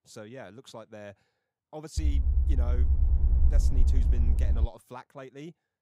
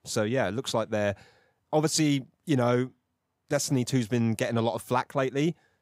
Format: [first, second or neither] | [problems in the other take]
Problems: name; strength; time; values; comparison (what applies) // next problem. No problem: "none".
second | low rumble; loud; from 2 to 4.5 s; 2 dB below the speech